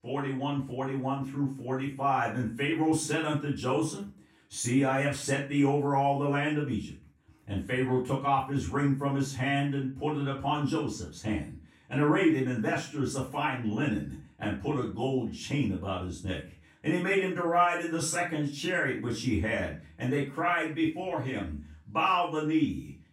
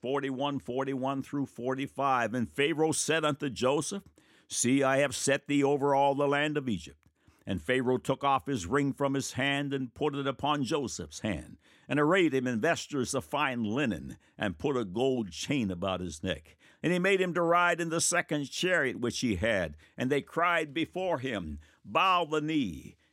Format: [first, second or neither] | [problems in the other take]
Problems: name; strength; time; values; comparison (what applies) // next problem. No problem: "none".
second | off-mic speech; far // room echo; slight; dies away in 0.3 s